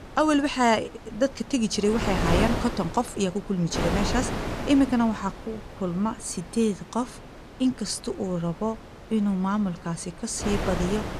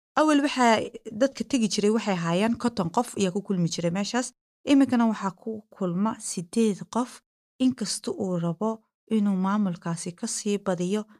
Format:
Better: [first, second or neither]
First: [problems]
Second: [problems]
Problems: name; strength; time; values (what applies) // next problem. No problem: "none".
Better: second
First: wind noise on the microphone; heavy; 5 dB below the speech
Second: none